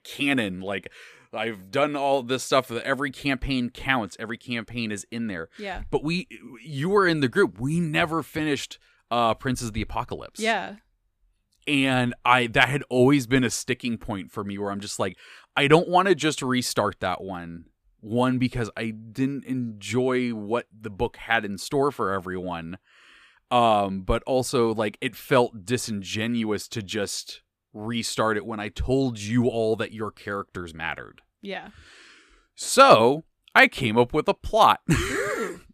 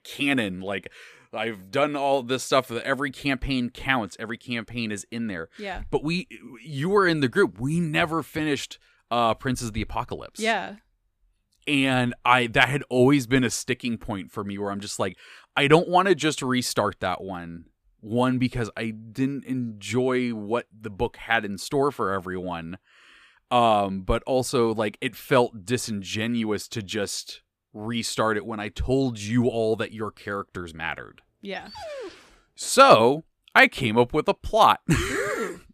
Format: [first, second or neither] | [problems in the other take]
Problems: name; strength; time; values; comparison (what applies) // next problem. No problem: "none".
first | dog barking; faint; at 32 s; peak 15 dB below the speech